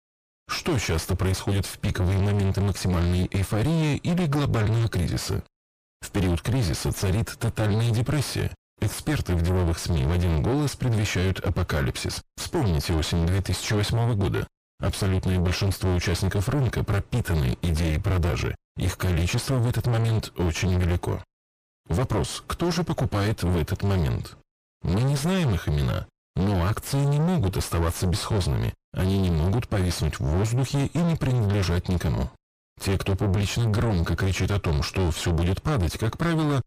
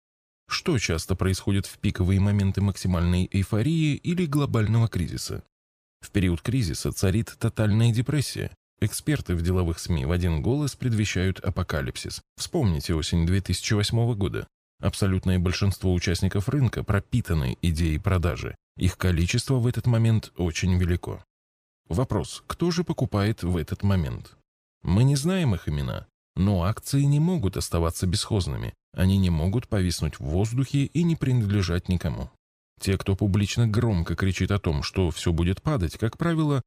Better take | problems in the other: second | distortion; heavy; 5 dB below the speech

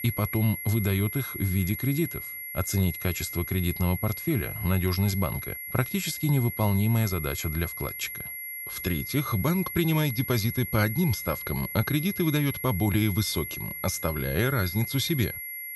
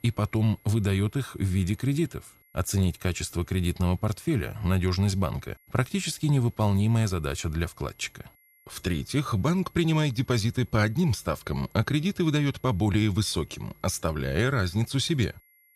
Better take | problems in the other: second | high-pitched whine; loud; throughout; 2 kHz, 6 dB below the speech; faint in the second

